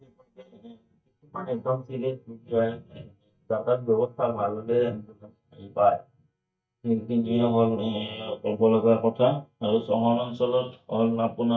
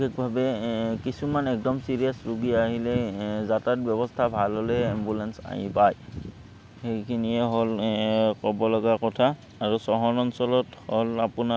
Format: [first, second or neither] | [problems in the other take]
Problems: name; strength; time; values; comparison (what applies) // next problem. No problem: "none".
second | noise reduction (neural mask model DeepFilterNet 3)